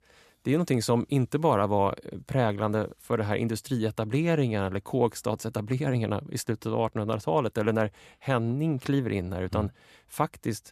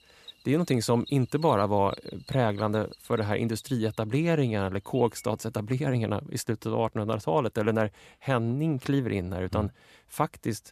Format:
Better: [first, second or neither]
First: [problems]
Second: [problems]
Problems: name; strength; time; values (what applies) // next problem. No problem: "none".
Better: first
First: none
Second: animal sounds; faint; throughout; 20 dB below the speech